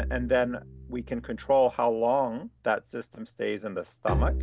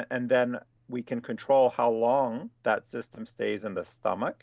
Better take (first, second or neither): second